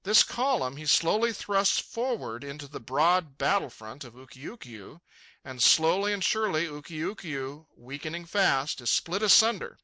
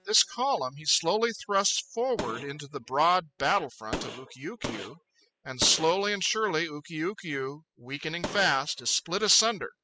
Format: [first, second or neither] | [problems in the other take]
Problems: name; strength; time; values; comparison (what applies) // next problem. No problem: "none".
first | noise reduction (classical method spectral subtraction)